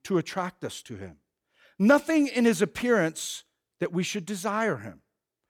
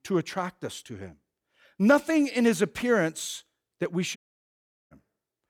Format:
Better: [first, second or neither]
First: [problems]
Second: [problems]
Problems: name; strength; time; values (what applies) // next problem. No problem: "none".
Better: first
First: none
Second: audio cutting out; at 4 s for 0.5 s